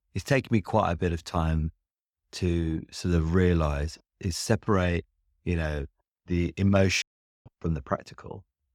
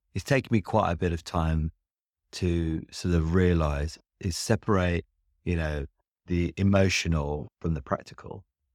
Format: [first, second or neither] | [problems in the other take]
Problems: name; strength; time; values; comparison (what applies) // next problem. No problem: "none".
second | audio cutting out; at 7 s